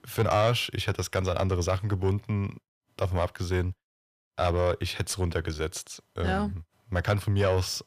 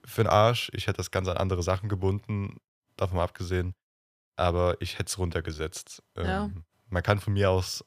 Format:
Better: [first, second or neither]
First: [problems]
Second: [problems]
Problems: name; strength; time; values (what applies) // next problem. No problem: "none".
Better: second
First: distortion; slight; 10 dB below the speech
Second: none